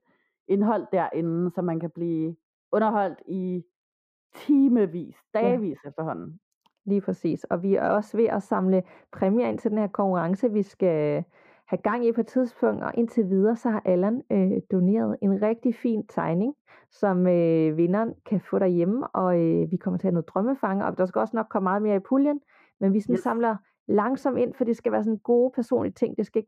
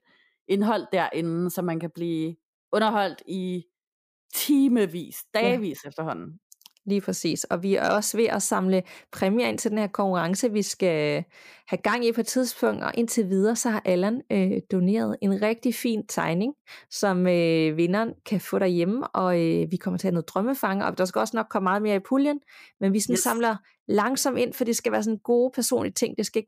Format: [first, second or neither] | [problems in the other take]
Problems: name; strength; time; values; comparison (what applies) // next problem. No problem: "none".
second | muffled; very; fading above 3 kHz